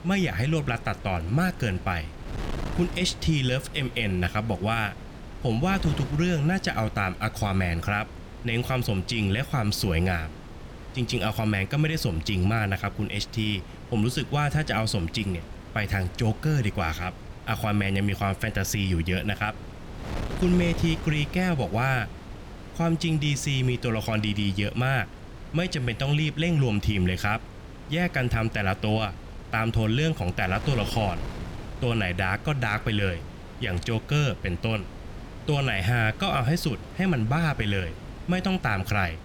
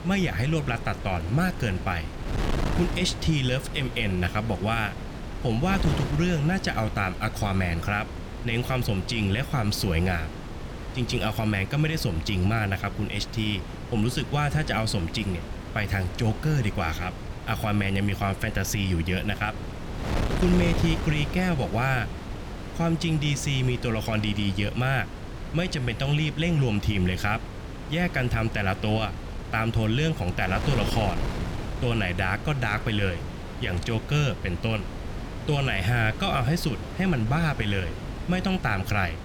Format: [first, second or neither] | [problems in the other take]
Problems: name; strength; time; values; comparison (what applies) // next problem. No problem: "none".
first | wind noise on the microphone; heavy; 10 dB below the speech; occasional gusts in the first